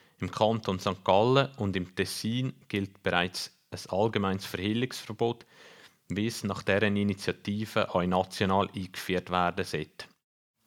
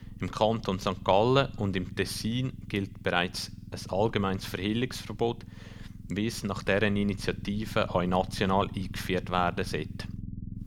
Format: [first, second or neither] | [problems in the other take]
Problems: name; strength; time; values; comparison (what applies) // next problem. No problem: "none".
first | low rumble; faint; throughout; 25 dB below the speech